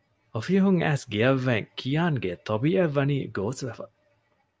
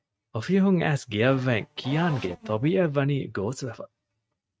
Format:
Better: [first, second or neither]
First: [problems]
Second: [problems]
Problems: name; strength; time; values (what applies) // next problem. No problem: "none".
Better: first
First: none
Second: noise reduction (neural mask model RNNoise)